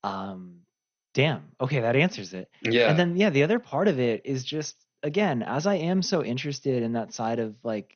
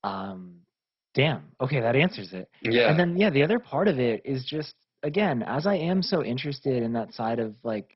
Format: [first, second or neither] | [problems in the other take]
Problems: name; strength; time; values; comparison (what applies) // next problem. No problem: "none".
first | garbled, watery; badly; nothing above 5.5 kHz; slightly in the first